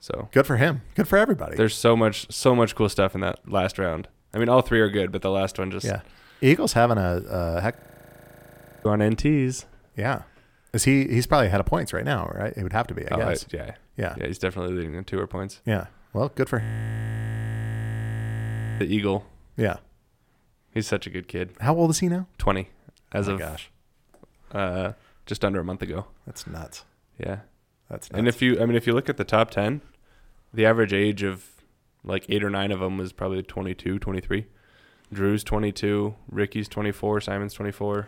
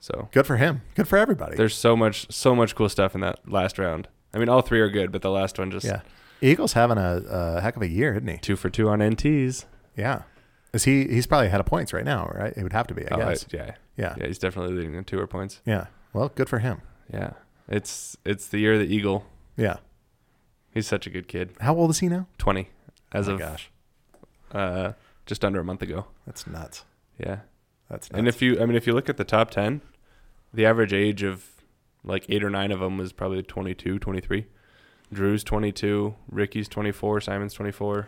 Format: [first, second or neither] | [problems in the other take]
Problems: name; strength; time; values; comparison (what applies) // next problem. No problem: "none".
second | audio freezing; at 8 s for 1 s and at 17 s for 2 s